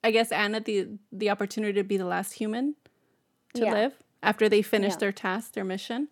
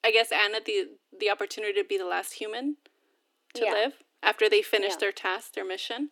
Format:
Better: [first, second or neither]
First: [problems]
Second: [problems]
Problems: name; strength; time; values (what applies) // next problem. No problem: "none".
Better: first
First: none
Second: thin; somewhat; fading below 300 Hz